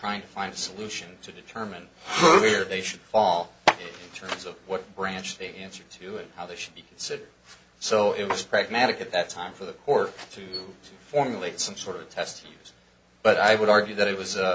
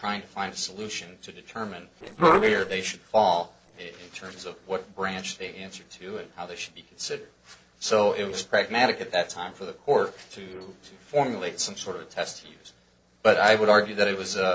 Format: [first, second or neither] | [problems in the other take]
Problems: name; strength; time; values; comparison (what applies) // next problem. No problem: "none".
first | noise reduction (neural separator model SepFormer DNS4)